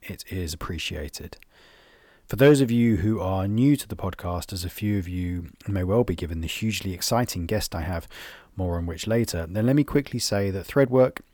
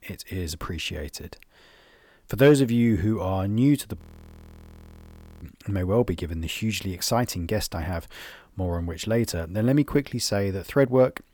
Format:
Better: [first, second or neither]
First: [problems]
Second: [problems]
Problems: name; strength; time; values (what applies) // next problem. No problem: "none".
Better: first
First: none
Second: audio freezing; at 4 s for 1.5 s